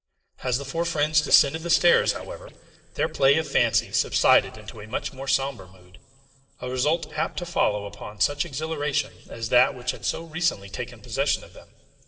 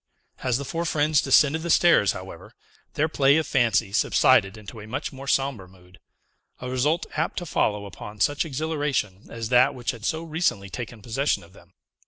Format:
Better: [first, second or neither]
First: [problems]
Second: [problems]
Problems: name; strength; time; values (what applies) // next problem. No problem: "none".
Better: second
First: noise reduction (neural separator model SepFormer DNS4)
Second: none